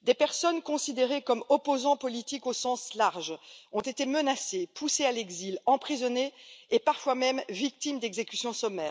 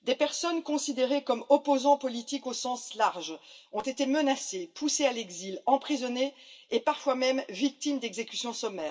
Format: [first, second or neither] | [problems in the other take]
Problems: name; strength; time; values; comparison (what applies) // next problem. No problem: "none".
first | room echo; dies away in 0.1 s